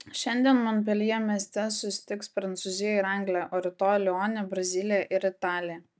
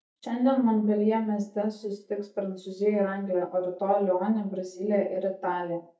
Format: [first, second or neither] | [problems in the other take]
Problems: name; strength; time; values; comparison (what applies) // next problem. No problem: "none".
first | noise reduction (neural mask model DeepFilterNet 3)